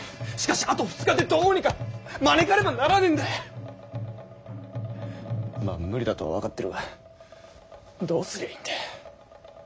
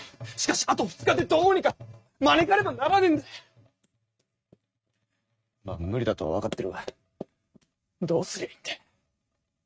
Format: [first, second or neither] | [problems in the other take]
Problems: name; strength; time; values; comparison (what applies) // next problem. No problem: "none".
first | noise reduction (neural mask model RNNoise)